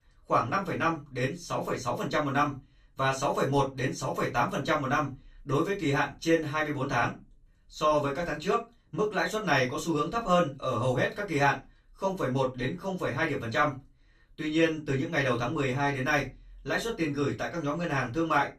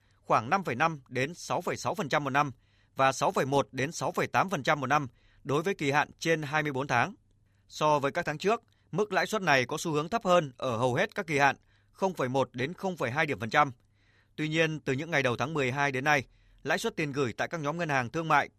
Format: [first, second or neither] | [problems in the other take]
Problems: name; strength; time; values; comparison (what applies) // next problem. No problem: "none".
second | off-mic speech; far // room echo; very slight; dies away in 0.2 s